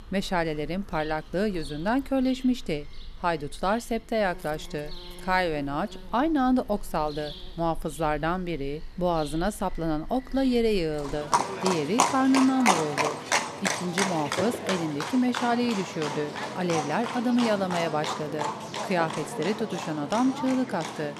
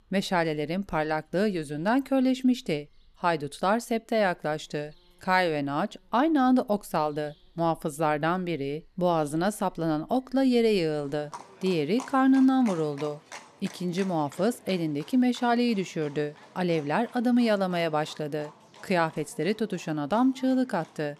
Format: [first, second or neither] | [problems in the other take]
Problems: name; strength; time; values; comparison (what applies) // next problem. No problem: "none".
second | animal sounds; loud; throughout; 3 dB below the speech; faint in the second